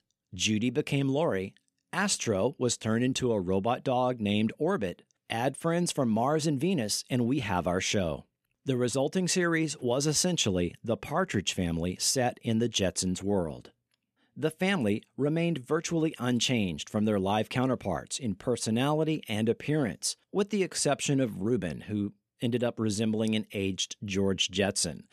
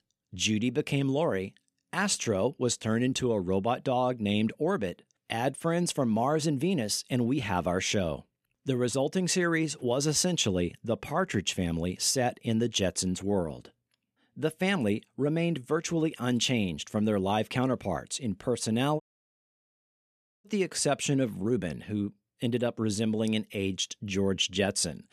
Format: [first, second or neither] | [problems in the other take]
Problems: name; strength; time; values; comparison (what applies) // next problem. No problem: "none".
first | audio cutting out; at 19 s for 1.5 s